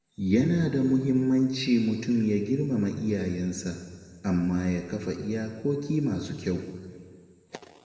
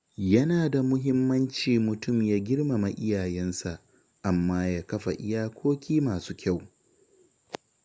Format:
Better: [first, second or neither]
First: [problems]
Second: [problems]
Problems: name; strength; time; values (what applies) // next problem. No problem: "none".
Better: second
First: room echo; dies away in 1.8 s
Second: none